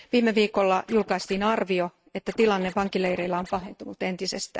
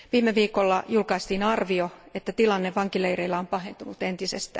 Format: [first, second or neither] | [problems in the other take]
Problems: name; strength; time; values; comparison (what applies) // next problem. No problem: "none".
second | noise reduction (neural mask model RNNoise)